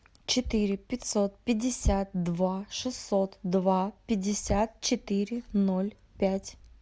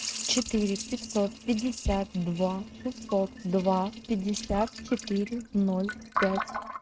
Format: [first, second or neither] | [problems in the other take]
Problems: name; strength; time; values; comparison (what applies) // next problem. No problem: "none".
first | noise reduction (neural mask model RNNoise)